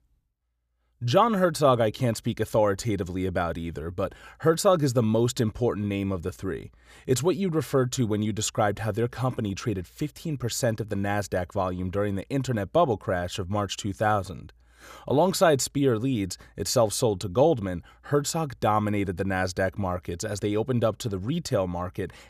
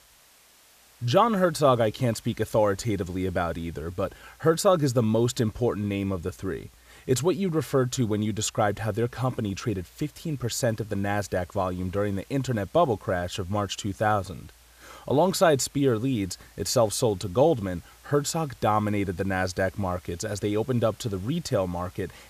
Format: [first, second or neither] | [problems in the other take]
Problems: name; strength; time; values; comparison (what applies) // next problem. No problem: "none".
first | hiss; faint; throughout; 30 dB below the speech